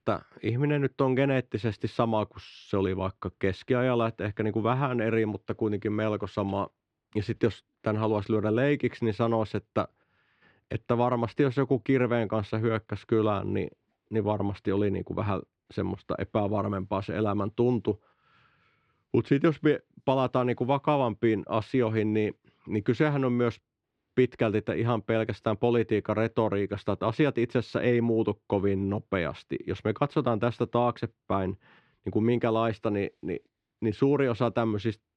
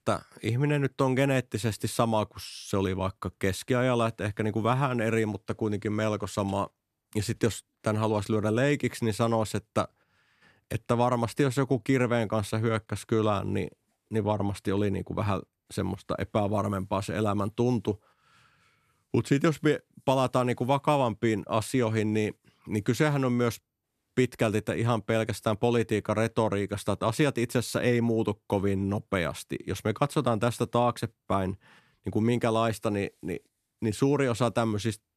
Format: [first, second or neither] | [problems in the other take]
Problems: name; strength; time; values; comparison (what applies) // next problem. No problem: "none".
second | muffled; slightly; fading above 3.5 kHz